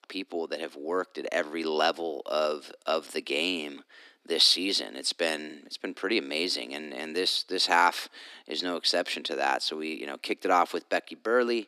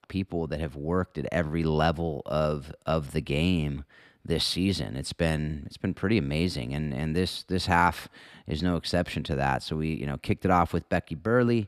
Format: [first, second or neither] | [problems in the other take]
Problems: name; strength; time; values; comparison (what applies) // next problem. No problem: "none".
second | thin; somewhat; fading below 300 Hz